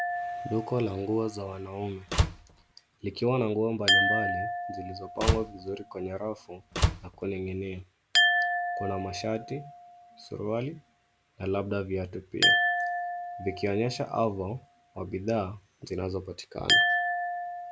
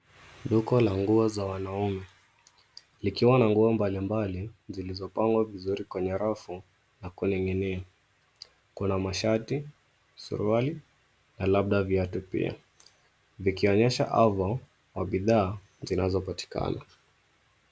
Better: second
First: background sound (Glass + Slam); 2 dB above the speech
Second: none

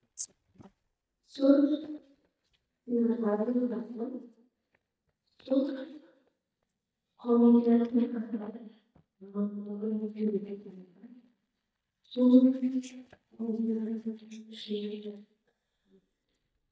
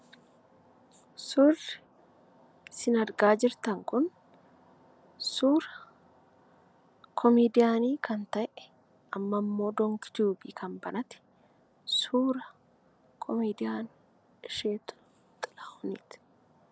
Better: second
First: noise reduction (neural mask model DeepFilterNet 3)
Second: none

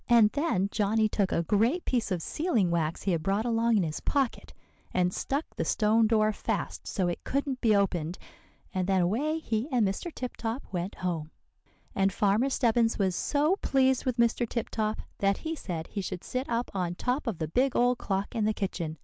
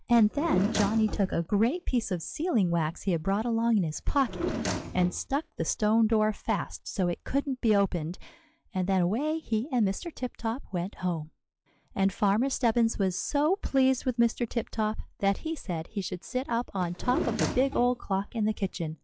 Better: first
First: none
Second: noise reduction (classical method log-MMSE)

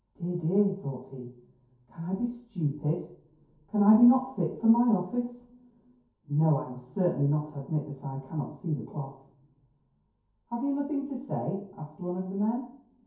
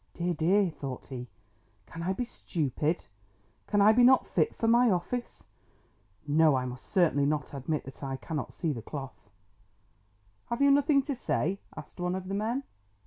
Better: second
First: room echo; dies away in 0.6 s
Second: none

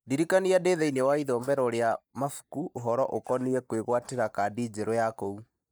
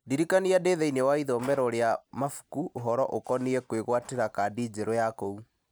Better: second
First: noise reduction (neural mask model DeepFilterNet 3)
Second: none

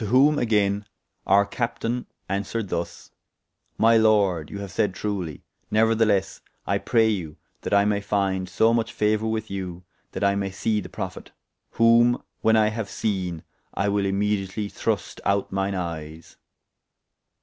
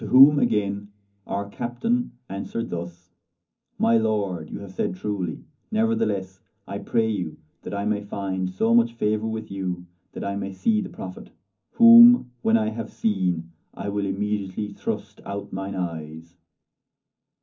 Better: first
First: none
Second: room echo; dies away in 0.3 s

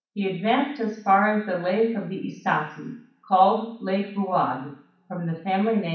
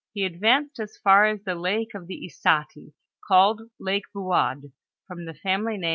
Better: second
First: room echo; dies away in 0.6 s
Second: none

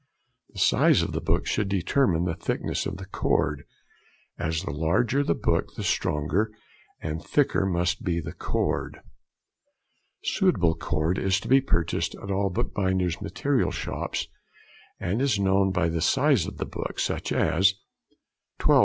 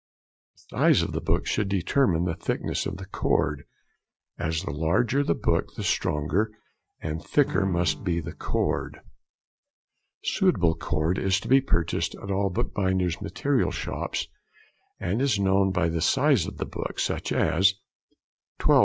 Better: first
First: none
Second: noise reduction (neural mask model DeepFilterNet 3)

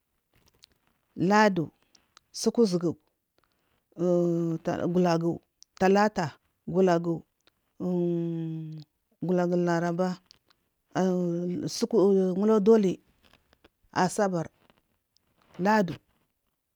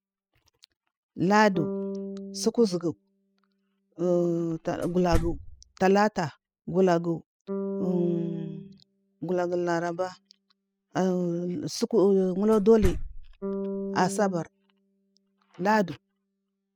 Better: first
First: none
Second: noise reduction (classical method spectral subtraction)

